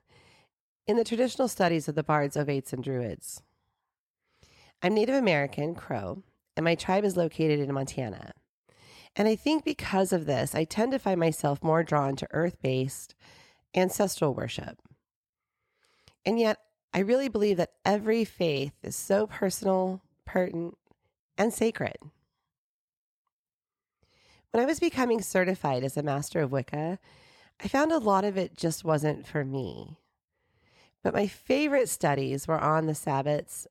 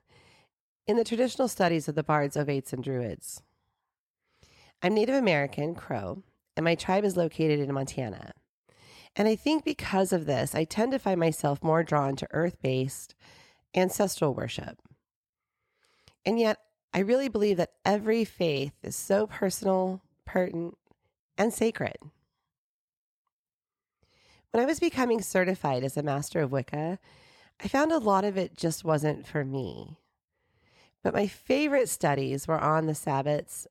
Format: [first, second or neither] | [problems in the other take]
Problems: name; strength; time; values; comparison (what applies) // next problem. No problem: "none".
neither | none